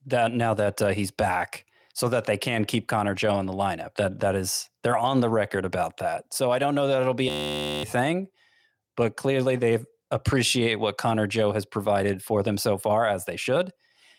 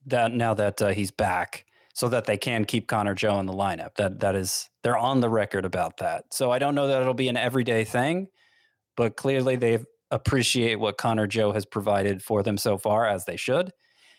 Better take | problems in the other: second | audio freezing; at 7.5 s for 0.5 s

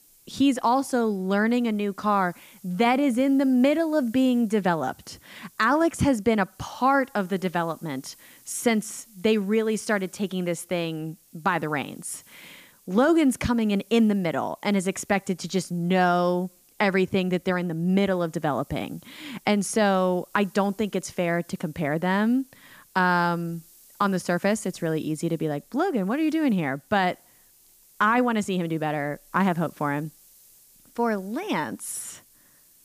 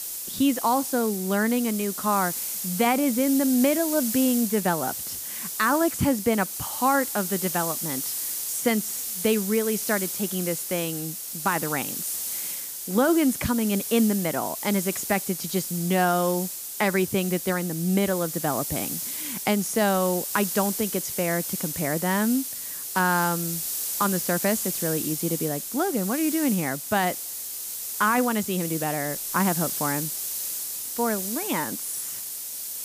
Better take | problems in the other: first | hiss; loud; throughout; 4 dB below the speech; faint in the first

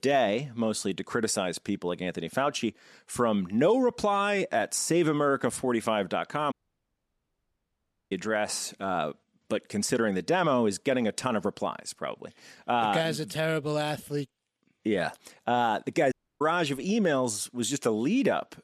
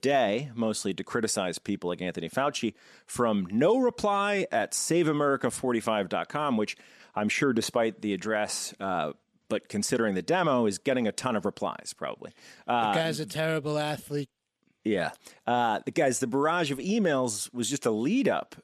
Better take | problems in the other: second | audio cutting out; at 6.5 s for 1.5 s and at 16 s

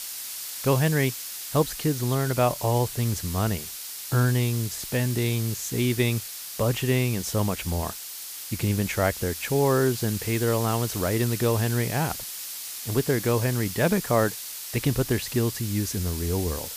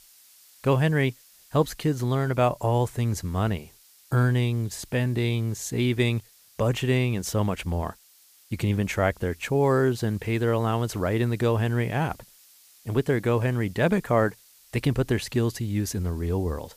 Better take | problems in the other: second | hiss; loud; throughout; 7 dB below the speech; faint in the second

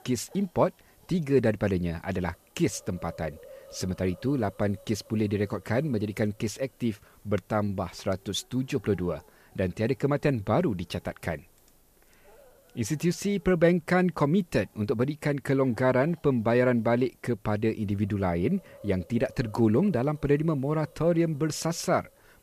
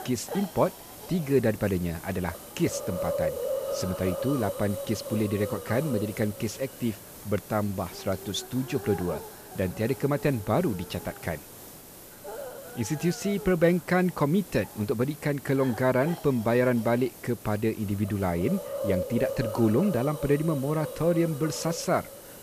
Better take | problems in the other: first | hiss; loud; throughout; 10 dB below the speech; faint in the first

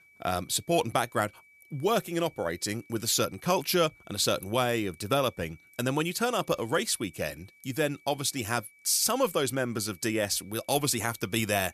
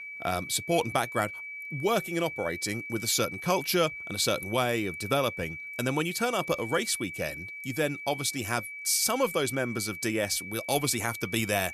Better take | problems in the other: first | high-pitched whine; loud; throughout; 2.5 kHz, 9 dB below the speech; faint in the first

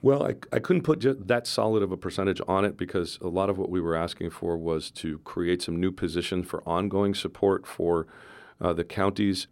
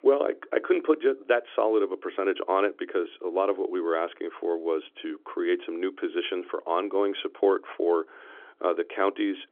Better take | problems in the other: first | phone-call audio; nothing above 3.5 kHz

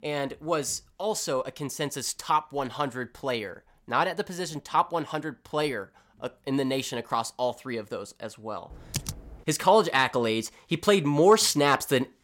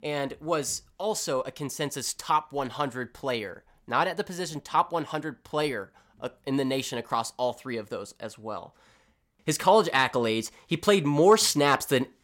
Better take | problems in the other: second | keyboard typing; noticeable; at 8.5 s; peak 7 dB below the speech

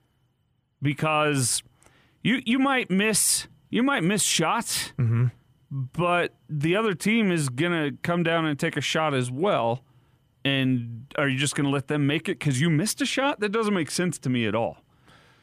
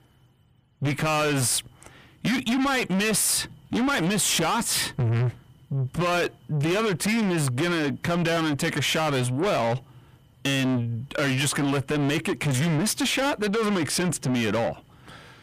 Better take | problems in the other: first | distortion; heavy; 7 dB below the speech

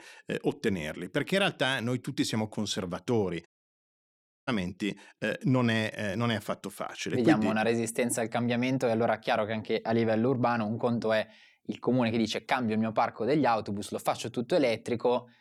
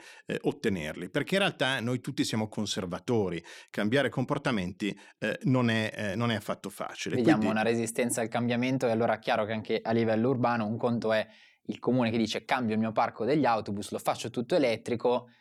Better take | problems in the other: second | audio cutting out; at 3.5 s for 1 s

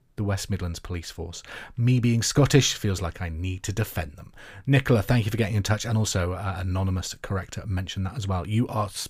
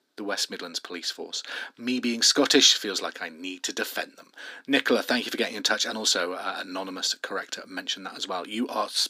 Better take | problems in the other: first | thin; somewhat; fading below 250 Hz

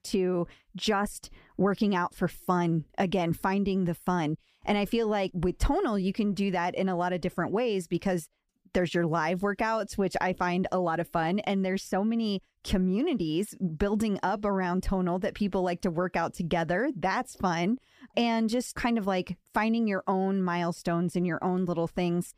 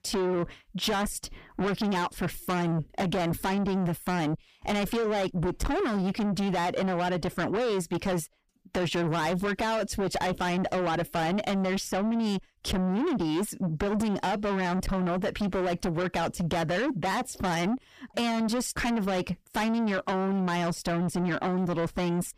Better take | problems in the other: first | distortion; heavy; 7 dB below the speech

